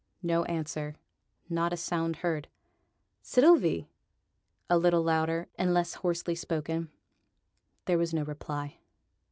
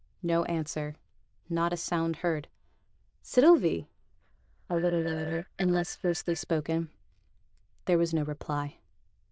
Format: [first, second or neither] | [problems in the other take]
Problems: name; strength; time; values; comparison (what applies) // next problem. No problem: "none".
first | noise reduction (neural diffusion model UNIVERSE++)